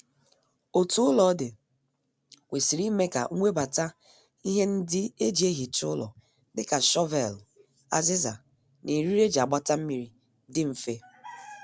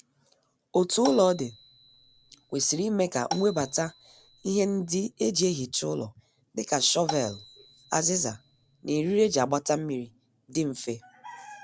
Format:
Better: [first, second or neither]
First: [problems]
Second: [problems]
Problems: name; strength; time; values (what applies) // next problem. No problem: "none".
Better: first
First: none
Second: background sound (Marimba, xylophone); 14 dB below the speech